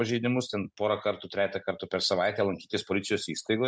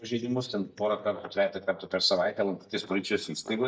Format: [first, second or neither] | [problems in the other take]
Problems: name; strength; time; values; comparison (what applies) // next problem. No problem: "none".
first | noise reduction (neural mask model DeepFilterNet 3)